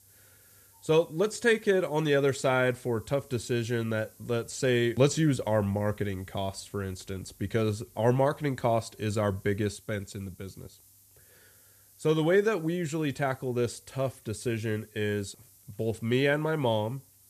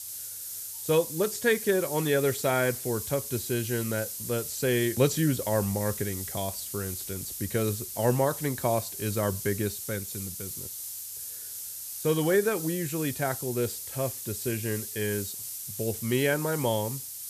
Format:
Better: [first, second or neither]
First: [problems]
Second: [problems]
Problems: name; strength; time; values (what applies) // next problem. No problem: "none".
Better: first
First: hiss; faint; throughout; 25 dB below the speech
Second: hiss; loud; throughout; 6 dB below the speech